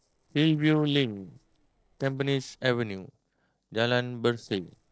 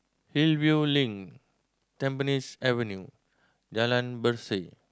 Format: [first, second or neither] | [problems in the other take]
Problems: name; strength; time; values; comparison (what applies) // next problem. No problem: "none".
second | noise reduction (neural separator model SepFormer DNS4)